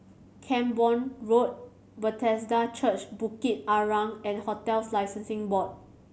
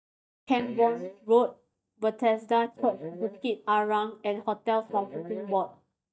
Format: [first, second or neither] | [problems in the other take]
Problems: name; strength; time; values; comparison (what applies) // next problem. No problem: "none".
first | noise reduction (neural mask model DeepFilterNet 3)